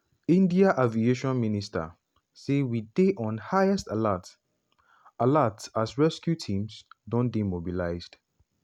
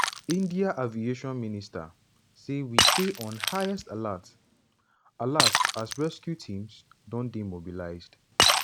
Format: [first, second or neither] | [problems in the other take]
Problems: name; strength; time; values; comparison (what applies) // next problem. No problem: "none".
first | background sound (Shatter); 2 dB above the speech